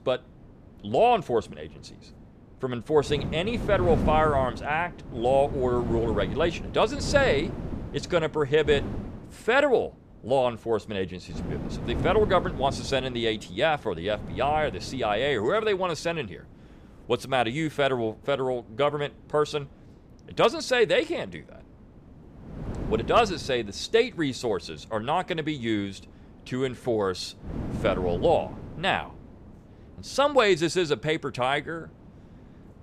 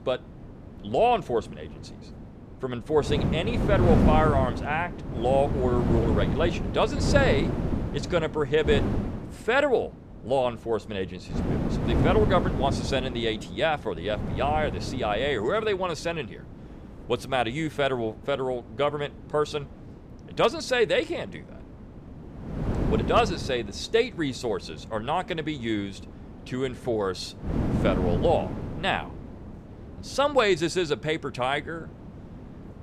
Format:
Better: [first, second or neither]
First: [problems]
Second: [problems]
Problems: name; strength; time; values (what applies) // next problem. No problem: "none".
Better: first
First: wind noise on the microphone; occasional gusts; 15 dB below the speech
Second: wind noise on the microphone; heavy; 8 dB below the speech